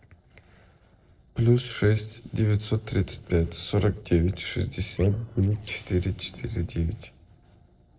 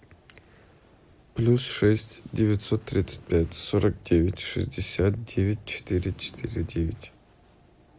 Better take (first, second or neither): second